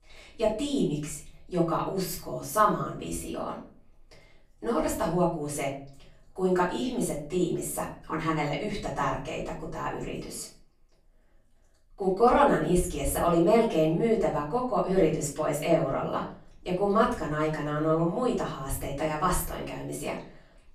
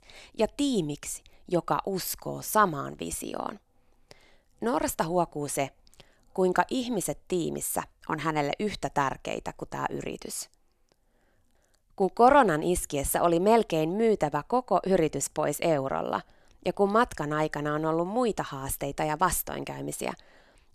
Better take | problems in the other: second | off-mic speech; far // room echo; slight; dies away in 0.5 s

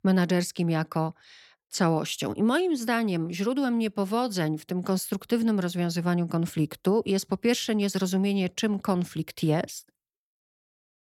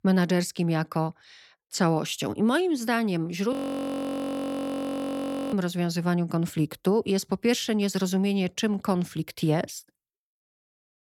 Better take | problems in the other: first | audio freezing; at 3.5 s for 2 s

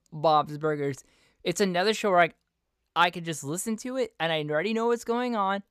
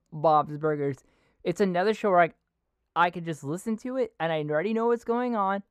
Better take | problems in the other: first | muffled; slightly; fading above 2.5 kHz

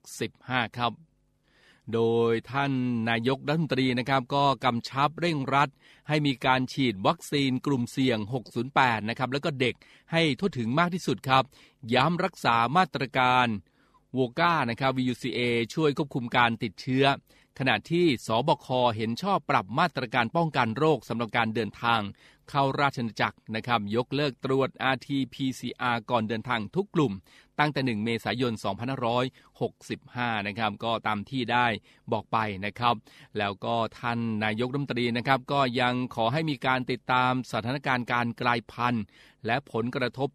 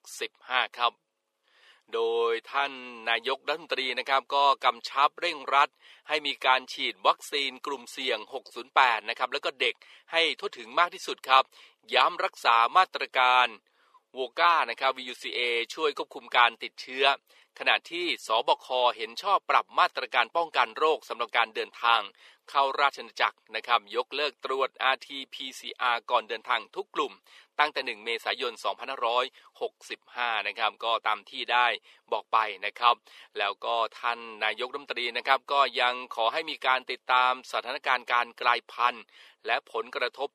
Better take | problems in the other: first | thin; very; fading below 450 Hz

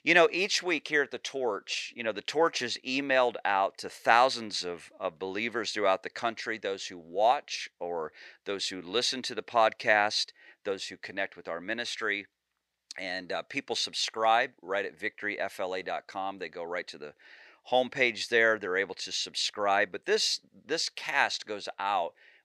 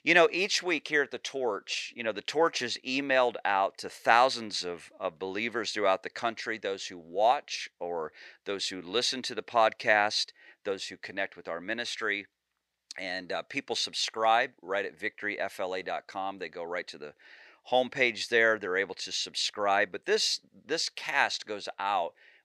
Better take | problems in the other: neither | thin; somewhat; fading below 400 Hz; the same in both

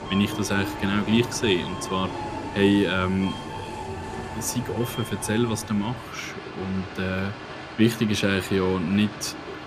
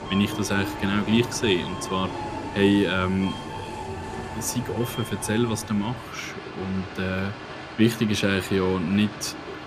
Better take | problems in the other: neither | train or aircraft noise; loud; throughout; 9 dB below the speech; the same in both

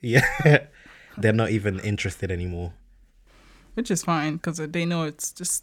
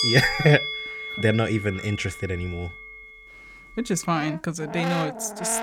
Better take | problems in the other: first | background music; loud; throughout; 7 dB below the speech

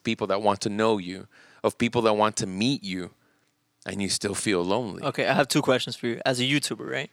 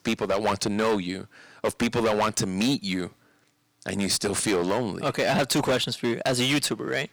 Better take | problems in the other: first | distortion; heavy; 10% of the sound clipped

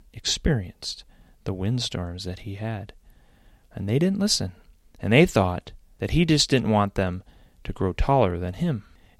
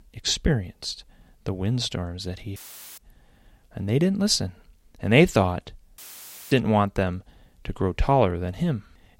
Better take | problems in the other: first | audio cutting out; filled with static; at 2.5 s and at 6 s for 0.5 s

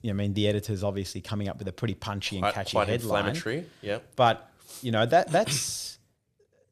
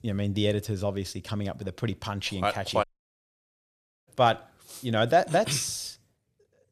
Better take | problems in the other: first | audio cutting out; at 3 s for 1 s

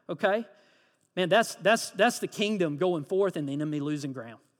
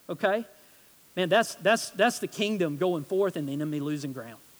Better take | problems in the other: first | hiss; faint; throughout; 25 dB below the speech

